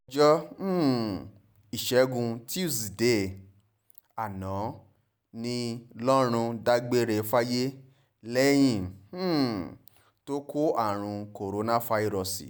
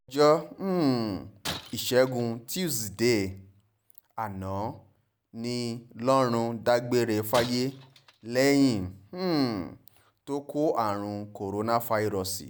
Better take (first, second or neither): first